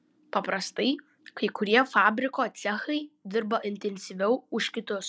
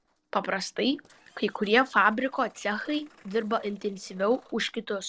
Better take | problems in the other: first | noise reduction (neural separator model SepFormer DNS4)

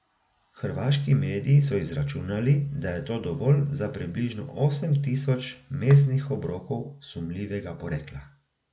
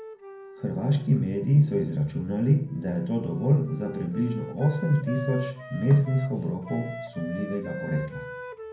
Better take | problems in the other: first | background sound (Wind instrument, woodwind instrument); 14 dB below the speech // room echo; dies away in 0.6 s

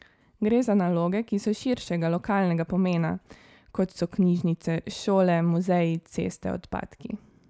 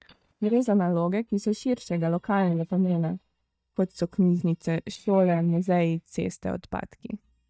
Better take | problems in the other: first | noise reduction (neural mask model DeepFilterNet 3)

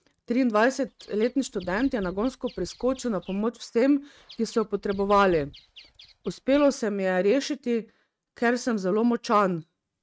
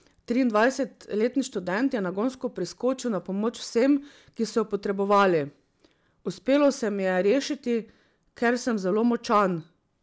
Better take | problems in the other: second | noise reduction (neural mask model RNNoise)

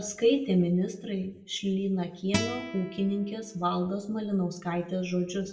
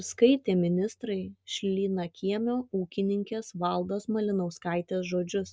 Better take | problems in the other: second | background sound (Acoustic guitar); 10 dB below the speech // room echo; dies away in 0.5 s

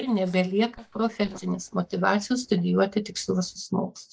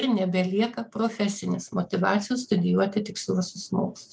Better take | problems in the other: second | noise reduction (neural mask model DeepFilterNet 3)

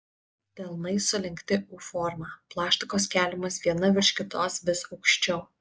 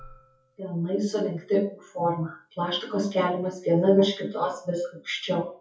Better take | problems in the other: first | noise reduction (classical method WPE with log-MMSE)

